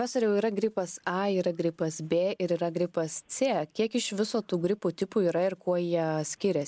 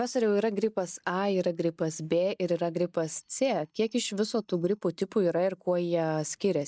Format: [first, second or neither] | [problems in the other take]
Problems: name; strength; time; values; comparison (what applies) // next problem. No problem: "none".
first | noise reduction (neural mask model DeepFilterNet 3)